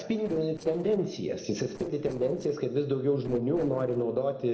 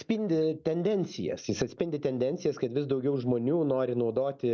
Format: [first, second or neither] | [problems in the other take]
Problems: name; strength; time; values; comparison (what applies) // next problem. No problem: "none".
second | noise reduction (neural separator model SepFormer DNS4)